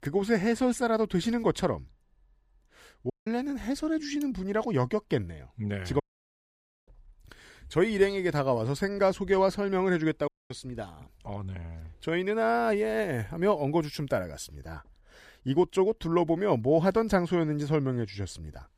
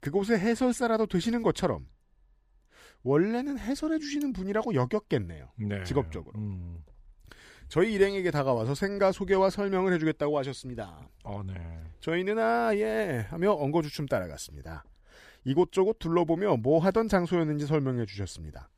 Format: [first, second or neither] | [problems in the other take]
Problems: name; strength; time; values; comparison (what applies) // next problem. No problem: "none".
second | audio cutting out; at 3 s, at 6 s for 1 s and at 10 s